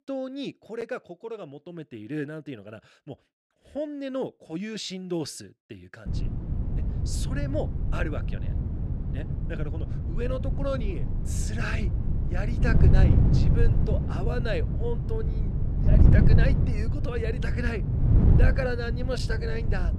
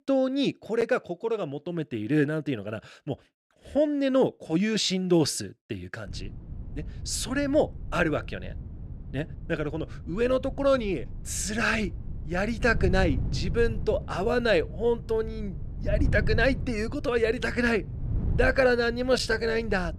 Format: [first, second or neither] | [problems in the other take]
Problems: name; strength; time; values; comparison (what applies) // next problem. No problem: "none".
second | wind noise on the microphone; heavy; from 6 s on; 4 dB below the speech; occasional gusts in the second